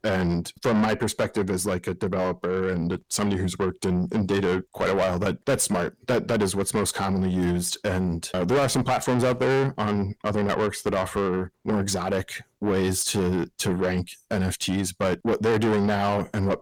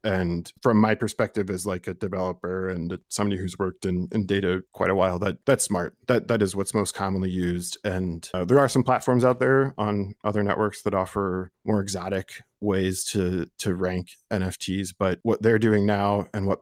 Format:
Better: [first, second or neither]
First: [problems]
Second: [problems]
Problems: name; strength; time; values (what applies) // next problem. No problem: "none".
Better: second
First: distortion; heavy; 6 dB below the speech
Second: none